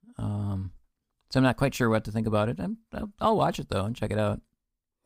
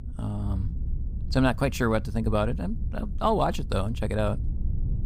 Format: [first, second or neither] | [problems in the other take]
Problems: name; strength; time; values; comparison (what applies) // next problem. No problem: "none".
first | low rumble; faint; throughout; 20 dB below the speech